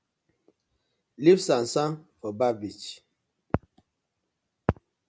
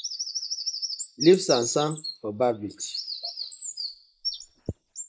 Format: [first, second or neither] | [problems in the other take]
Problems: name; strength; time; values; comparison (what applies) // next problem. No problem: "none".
first | noise reduction (neural mask model Resemble Enhance denoiser)